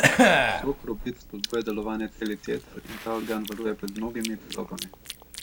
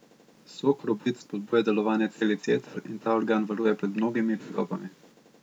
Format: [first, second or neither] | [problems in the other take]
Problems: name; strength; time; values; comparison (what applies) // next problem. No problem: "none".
second | background sound (Chewing, mastication / Cough); 4 dB above the speech